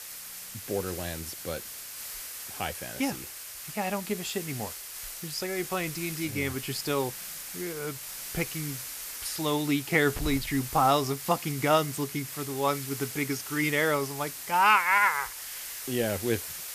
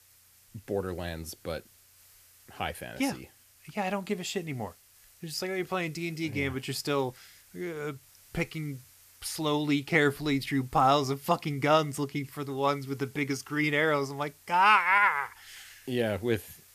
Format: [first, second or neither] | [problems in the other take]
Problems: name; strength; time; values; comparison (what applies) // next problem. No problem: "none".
second | hiss; loud; throughout; 8 dB below the speech; faint in the second